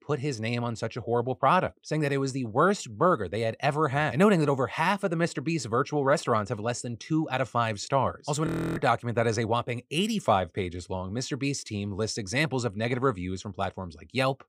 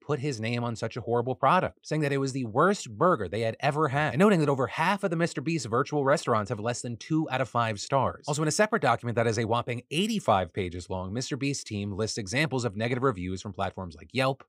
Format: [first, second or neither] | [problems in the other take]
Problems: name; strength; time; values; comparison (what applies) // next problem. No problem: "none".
second | audio freezing; at 8.5 s